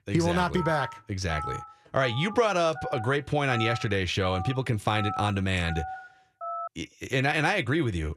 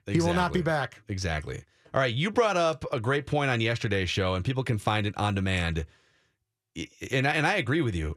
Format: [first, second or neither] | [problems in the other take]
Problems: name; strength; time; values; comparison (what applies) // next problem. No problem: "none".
second | phone ringing; noticeable; from 0.5 to 6.5 s; peak 7 dB below the speech